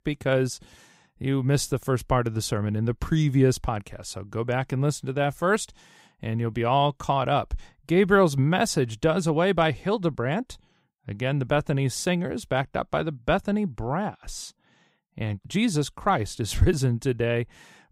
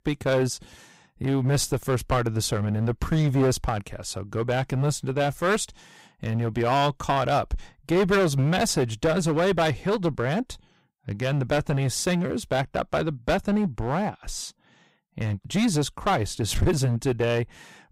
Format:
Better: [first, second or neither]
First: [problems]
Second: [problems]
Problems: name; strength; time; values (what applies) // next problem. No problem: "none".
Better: first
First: none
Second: distortion; heavy; 10% of the sound clipped